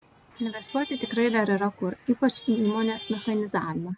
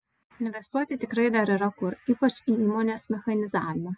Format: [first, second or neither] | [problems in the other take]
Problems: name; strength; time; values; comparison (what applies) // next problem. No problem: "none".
second | background sound (Traffic noise, roadway noise / Vehicle horn, car horn, honking); 18 dB below the speech